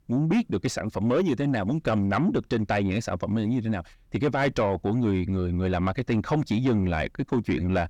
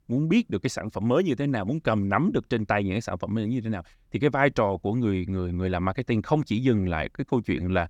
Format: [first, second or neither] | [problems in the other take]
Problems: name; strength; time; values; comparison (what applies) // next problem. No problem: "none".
second | distortion; slight; 10 dB below the speech